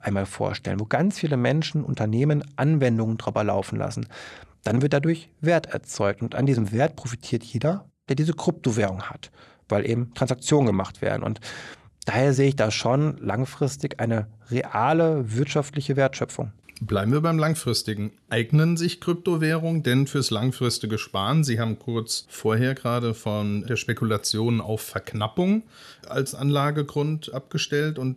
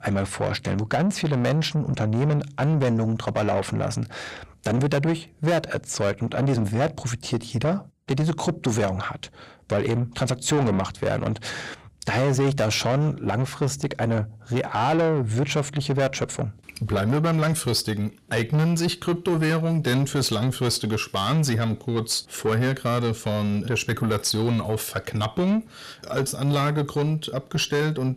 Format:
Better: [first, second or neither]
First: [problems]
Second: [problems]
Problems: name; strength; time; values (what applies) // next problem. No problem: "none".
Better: first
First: none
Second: distortion; slight; 10 dB below the speech